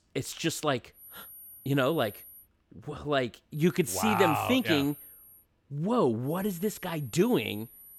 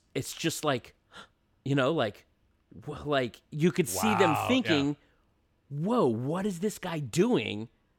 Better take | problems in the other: second | high-pitched whine; noticeable; from 1 to 2.5 s, from 3.5 to 5.5 s and from 6.5 s on; 11.5 kHz, 20 dB below the speech

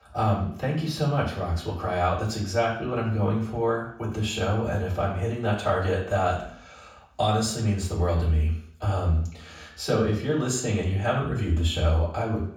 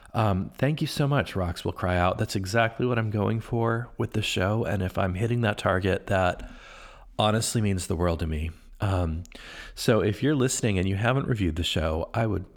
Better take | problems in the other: second | room echo; noticeable; dies away in 0.5 s // off-mic speech; far

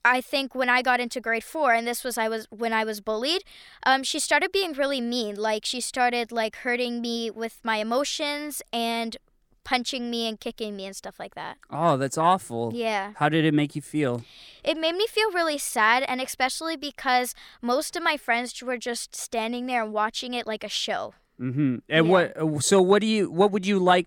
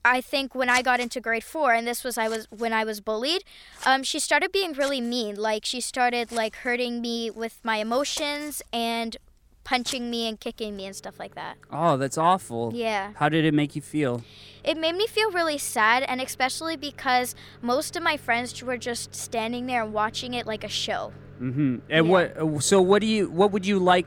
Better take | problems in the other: first | household noises; faint; throughout; 20 dB below the speech

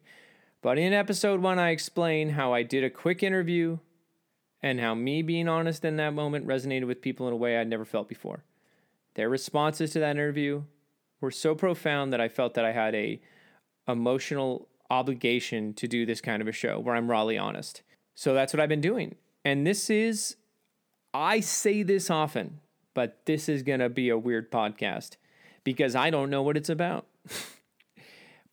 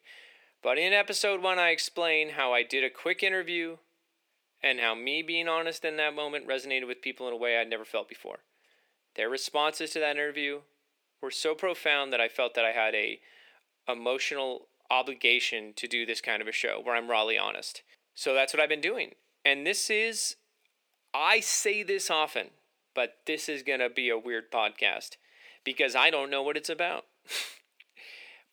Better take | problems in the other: first | thin; very; fading below 400 Hz

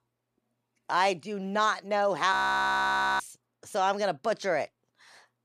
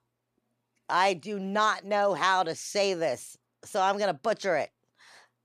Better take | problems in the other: second | audio freezing; at 2.5 s for 1 s

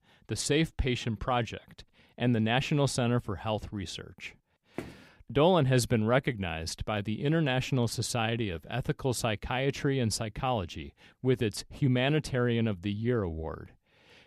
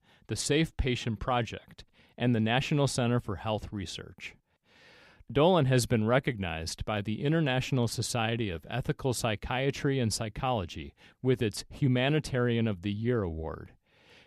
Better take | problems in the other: second | footsteps; faint; at 5 s; peak 15 dB below the speech

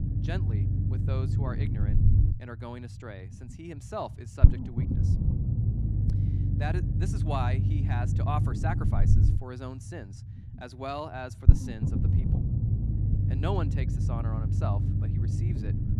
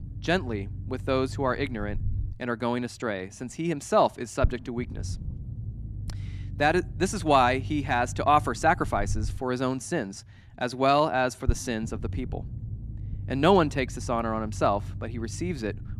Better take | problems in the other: second | low rumble; loud; throughout; 2 dB below the speech; faint in the second

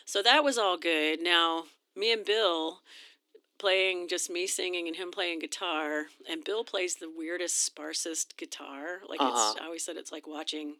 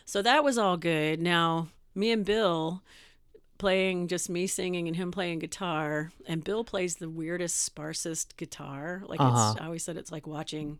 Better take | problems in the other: second | thin; somewhat; fading below 300 Hz

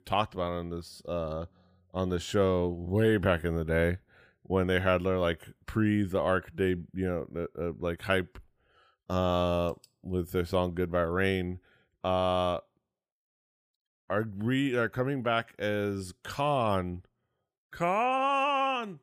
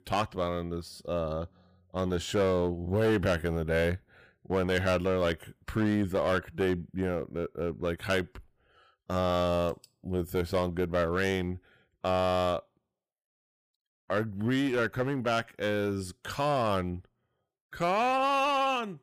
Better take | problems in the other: first | distortion; slight; 8% of the sound clipped

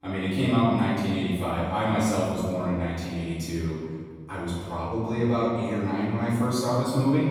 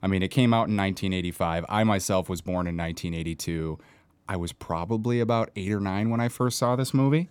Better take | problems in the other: second | off-mic speech; far // room echo; strong; dies away in 1.6 s

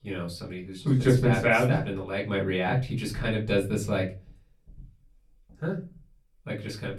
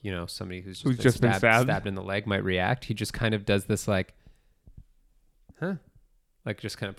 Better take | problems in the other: second | off-mic speech; far // room echo; very slight; dies away in 0.3 s

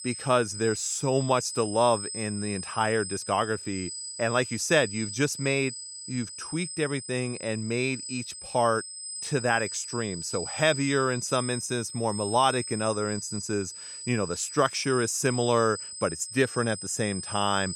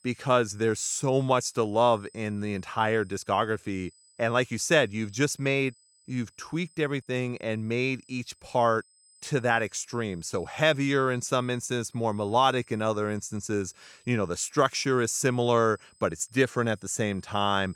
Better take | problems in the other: second | high-pitched whine; loud; throughout; 8 kHz, 8 dB below the speech; faint in the second

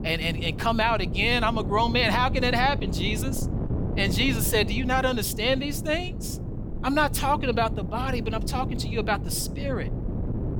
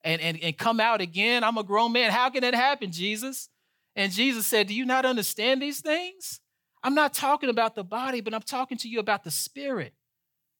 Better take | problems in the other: second | wind noise on the microphone; occasional gusts; 15 dB below the speech

